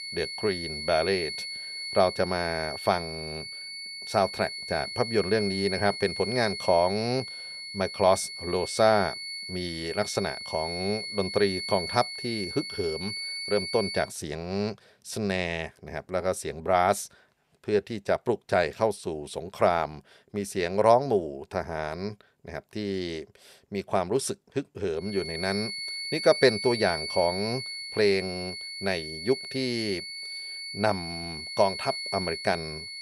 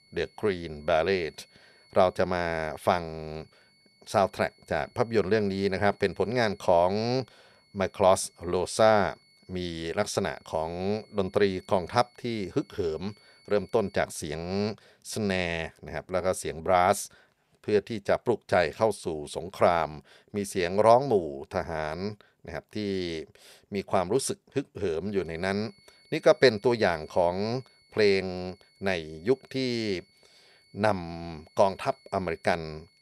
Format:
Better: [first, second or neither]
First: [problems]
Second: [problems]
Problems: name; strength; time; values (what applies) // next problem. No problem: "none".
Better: second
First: high-pitched whine; loud; until 14 s and from 25 s on; 4.5 kHz, 6 dB below the speech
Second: high-pitched whine; faint; until 14 s and from 25 s on; 4.5 kHz, 30 dB below the speech